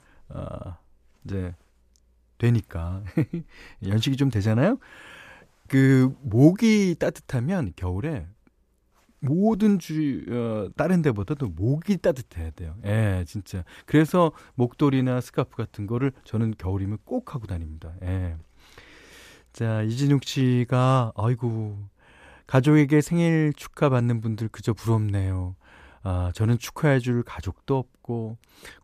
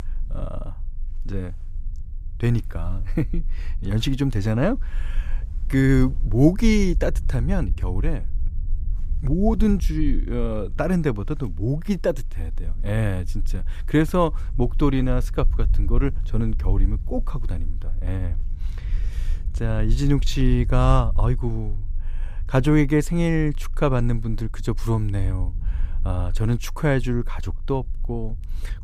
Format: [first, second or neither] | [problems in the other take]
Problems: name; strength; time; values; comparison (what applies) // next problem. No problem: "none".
first | low rumble; faint; throughout; 25 dB below the speech